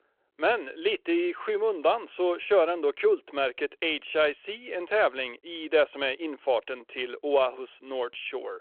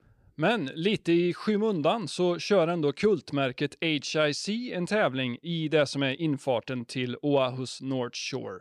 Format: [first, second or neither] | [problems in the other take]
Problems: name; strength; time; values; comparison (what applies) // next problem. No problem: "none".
second | phone-call audio